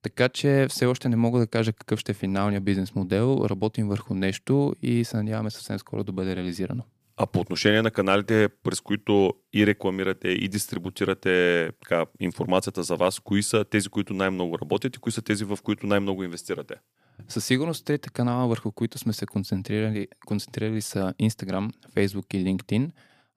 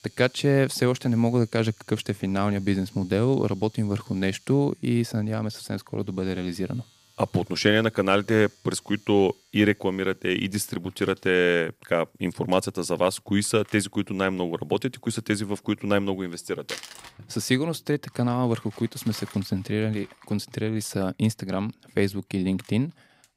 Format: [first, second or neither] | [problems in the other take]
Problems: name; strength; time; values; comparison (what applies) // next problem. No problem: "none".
first | household noises; faint; throughout; 25 dB below the speech